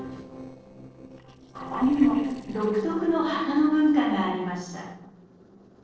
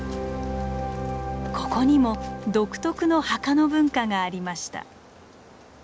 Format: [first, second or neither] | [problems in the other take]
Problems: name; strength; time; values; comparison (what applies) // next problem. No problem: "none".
second | noise reduction (neural separator model SepFormer DNS4)